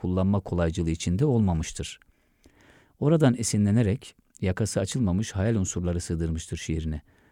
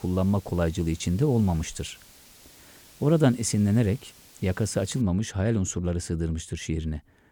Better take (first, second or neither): first